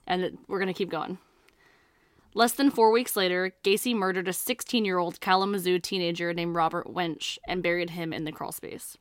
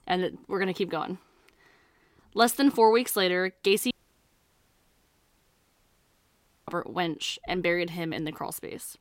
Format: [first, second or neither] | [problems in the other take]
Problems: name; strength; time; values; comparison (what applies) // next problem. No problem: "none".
first | audio cutting out; at 4 s for 3 s